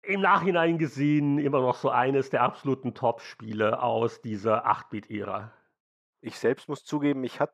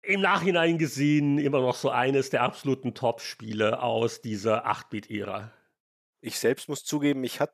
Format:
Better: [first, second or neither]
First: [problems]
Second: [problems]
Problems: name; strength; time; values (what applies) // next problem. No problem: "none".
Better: second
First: muffled; slightly; fading above 2 kHz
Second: none